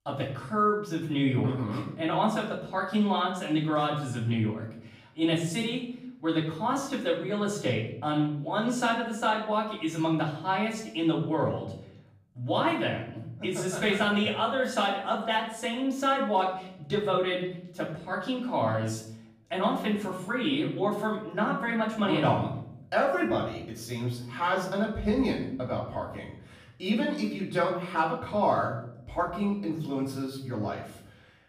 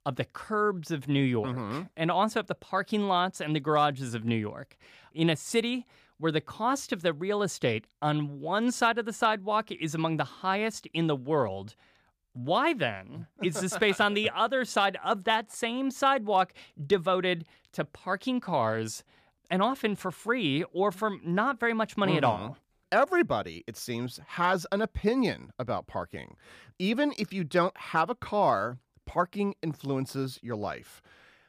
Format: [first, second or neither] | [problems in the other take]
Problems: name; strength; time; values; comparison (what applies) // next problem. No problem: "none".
second | off-mic speech; far // room echo; noticeable; dies away in 0.7 s